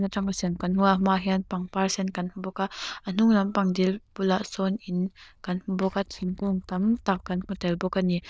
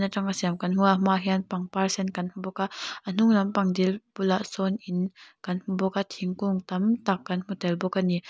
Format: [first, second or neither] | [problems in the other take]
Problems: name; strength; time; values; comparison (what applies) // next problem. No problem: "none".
second | noise reduction (neural diffusion model UNIVERSE++)